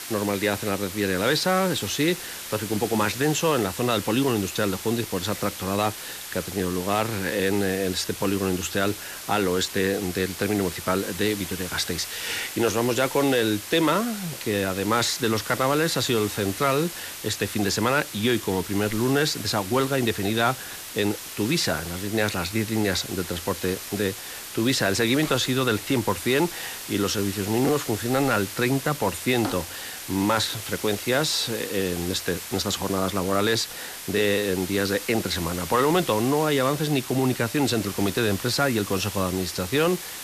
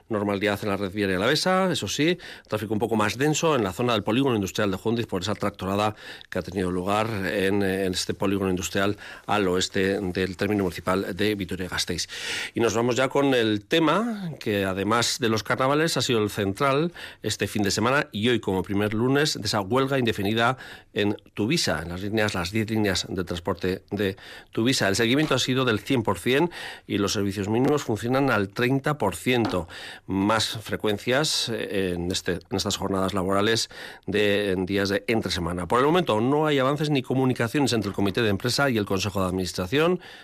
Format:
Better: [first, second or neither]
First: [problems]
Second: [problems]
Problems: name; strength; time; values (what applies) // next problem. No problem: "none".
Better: second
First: hiss; loud; throughout; 9 dB below the speech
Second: none